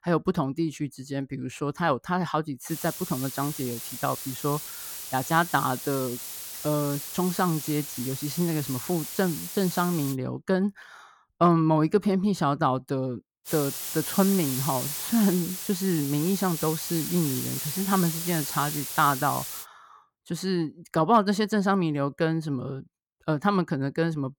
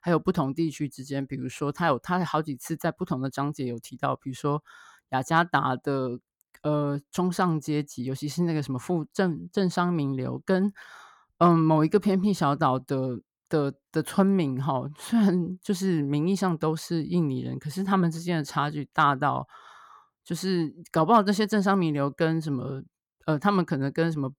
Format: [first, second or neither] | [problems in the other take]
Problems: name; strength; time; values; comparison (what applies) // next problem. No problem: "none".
second | hiss; loud; from 2.5 to 10 s and from 13 to 20 s; 6 dB below the speech